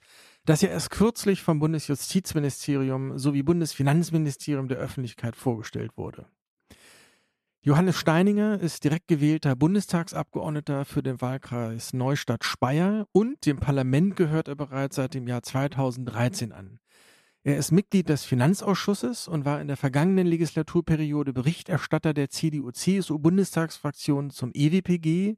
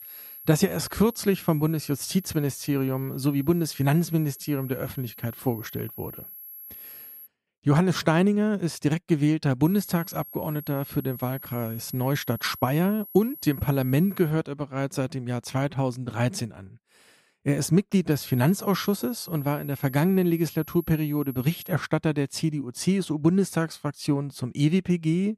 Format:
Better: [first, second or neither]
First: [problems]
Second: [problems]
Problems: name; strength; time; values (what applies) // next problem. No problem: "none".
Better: first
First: none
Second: high-pitched whine; noticeable; until 7.5 s, from 9.5 to 14 s and from 18 to 22 s; 11.5 kHz, 15 dB below the speech